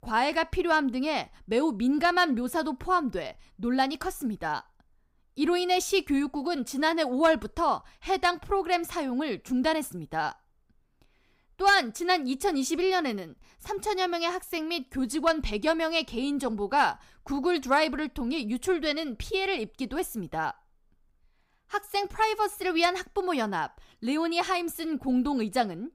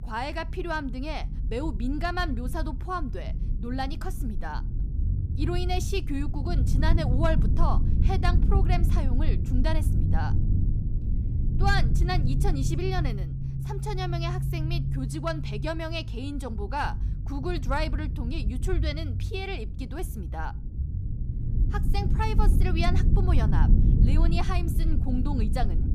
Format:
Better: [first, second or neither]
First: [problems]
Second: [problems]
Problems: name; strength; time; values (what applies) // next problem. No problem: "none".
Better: first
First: none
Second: low rumble; loud; throughout; 9 dB below the speech